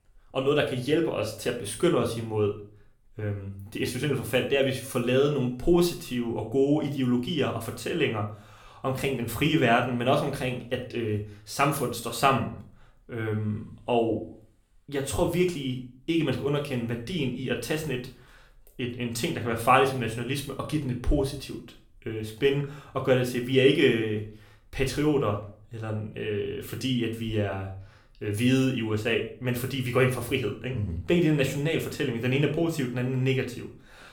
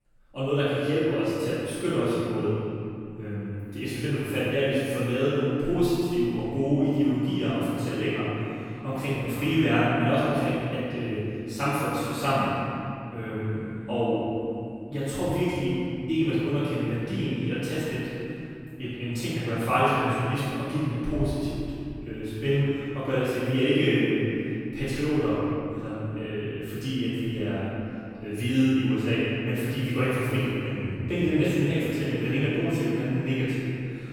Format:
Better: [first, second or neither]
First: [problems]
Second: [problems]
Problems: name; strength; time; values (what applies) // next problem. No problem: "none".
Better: first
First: room echo; slight; dies away in 0.4 s // off-mic speech; somewhat distant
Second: room echo; strong; dies away in 2.6 s // off-mic speech; far